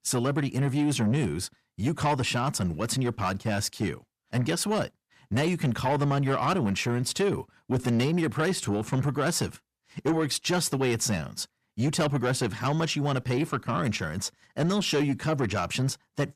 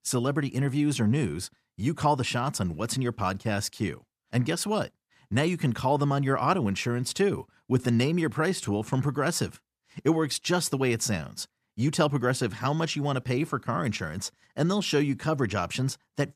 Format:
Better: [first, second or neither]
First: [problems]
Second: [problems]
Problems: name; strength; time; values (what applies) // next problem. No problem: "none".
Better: second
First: distortion; slight; 10 dB below the speech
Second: none